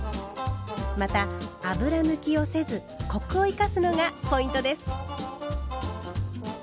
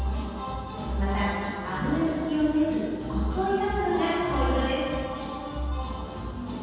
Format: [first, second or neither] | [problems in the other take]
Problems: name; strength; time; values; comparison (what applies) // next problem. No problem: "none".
first | room echo; dies away in 2.1 s